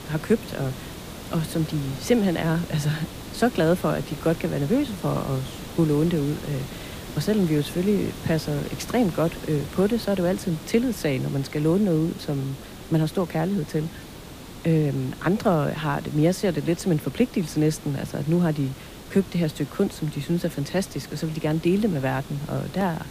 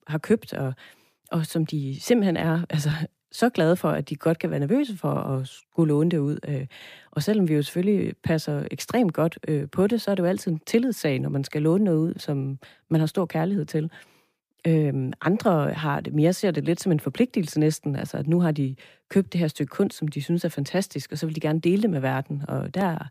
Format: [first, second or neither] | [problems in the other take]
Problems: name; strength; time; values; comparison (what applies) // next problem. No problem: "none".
second | hiss; noticeable; throughout; 15 dB below the speech